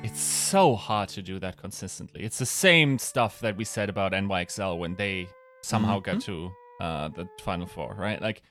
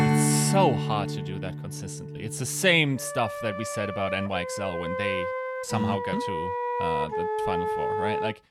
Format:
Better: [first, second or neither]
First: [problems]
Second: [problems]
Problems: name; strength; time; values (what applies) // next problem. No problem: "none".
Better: first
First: background music; faint; throughout; 25 dB below the speech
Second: background music; loud; throughout; 2 dB below the speech